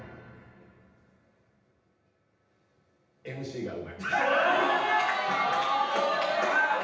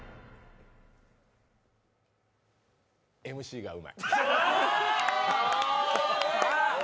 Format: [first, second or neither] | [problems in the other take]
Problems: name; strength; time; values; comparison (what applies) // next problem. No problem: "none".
second | room echo; dies away in 0.9 s